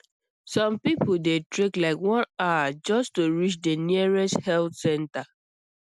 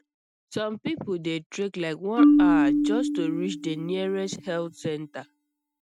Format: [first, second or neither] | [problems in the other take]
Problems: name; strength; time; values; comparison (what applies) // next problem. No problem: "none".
first | noise reduction (neural mask model DeepFilterNet 3)